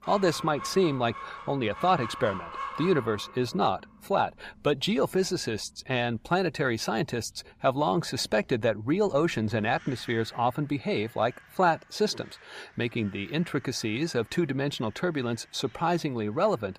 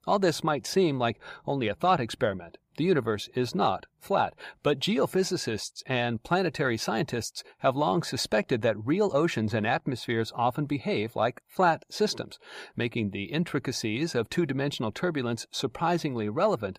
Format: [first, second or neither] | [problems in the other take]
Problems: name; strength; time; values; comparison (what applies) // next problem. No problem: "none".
second | animal sounds; noticeable; throughout; 15 dB below the speech